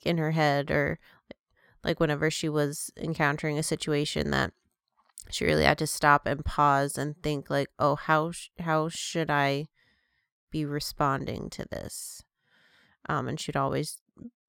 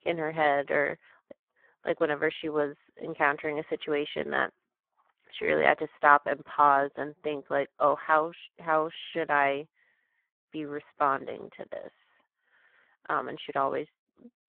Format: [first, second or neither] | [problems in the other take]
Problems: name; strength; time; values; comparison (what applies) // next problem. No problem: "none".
first | phone-call audio; poor line